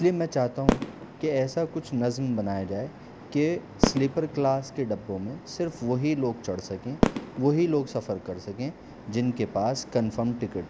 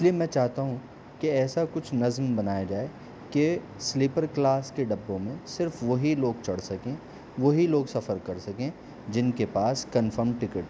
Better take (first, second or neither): second